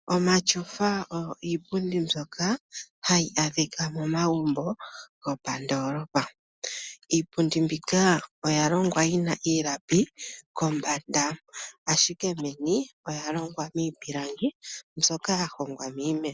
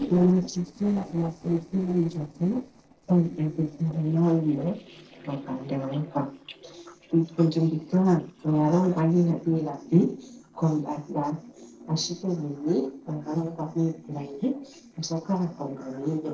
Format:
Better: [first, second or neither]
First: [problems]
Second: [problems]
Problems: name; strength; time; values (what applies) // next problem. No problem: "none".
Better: first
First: none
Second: noise reduction (neural separator model SepFormer DNS4)